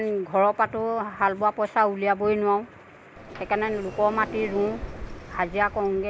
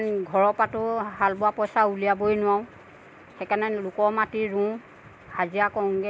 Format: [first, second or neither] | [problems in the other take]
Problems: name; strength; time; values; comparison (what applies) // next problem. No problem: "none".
second | background sound (Sliding door); 16 dB below the speech